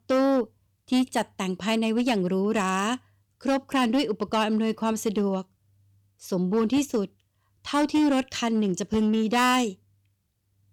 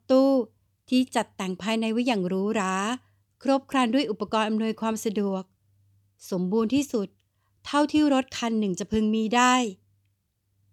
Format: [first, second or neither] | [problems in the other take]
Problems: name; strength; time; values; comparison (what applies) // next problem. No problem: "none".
second | distortion; slight; 7% of the sound clipped